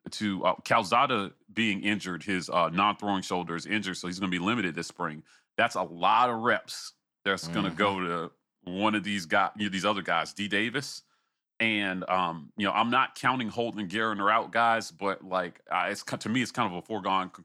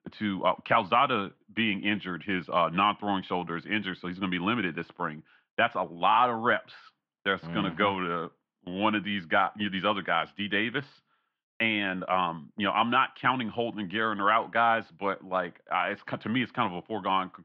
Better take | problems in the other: first | muffled; very; fading above 3 kHz

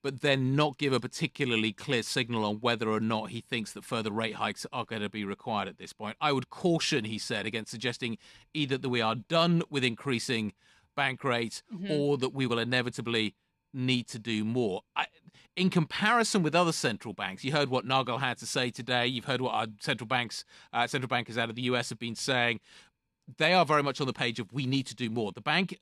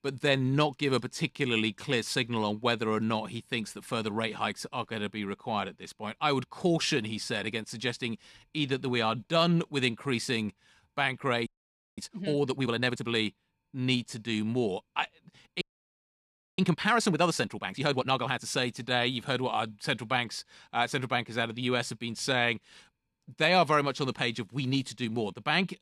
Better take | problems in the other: first | audio freezing; at 11 s for 0.5 s and at 16 s for 1 s

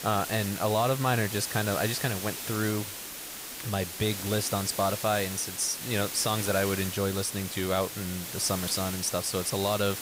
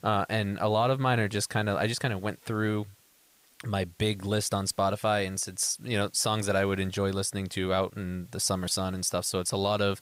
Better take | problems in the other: second | hiss; loud; throughout; 6 dB below the speech; faint in the second

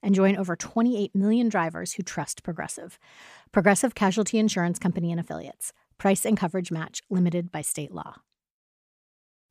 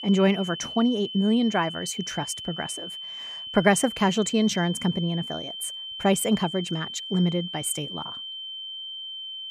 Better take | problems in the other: first | high-pitched whine; loud; throughout; 3 kHz, 8 dB below the speech

